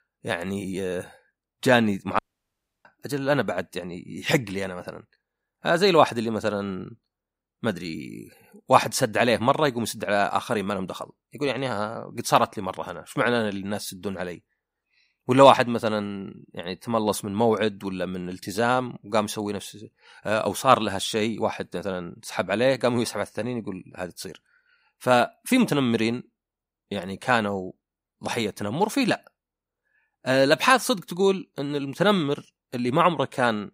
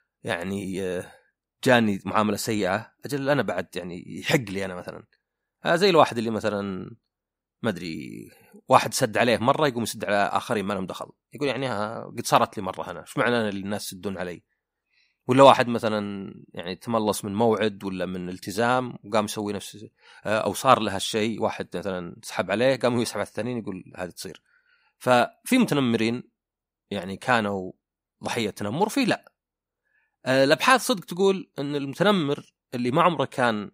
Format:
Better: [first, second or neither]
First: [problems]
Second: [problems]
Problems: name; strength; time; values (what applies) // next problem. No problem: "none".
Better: second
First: audio cutting out; at 2 s for 0.5 s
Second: none